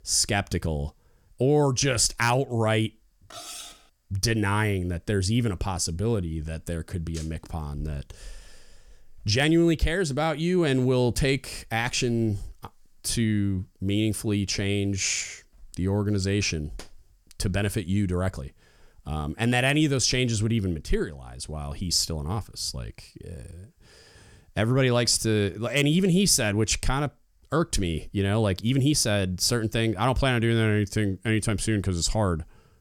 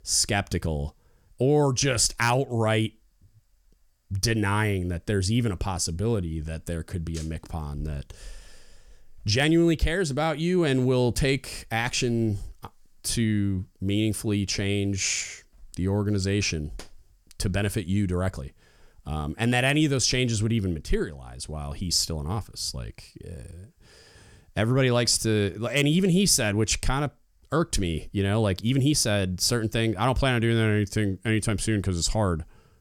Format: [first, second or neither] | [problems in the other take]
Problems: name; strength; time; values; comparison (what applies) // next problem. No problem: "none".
second | clattering dishes; faint; at 3.5 s; peak 10 dB below the speech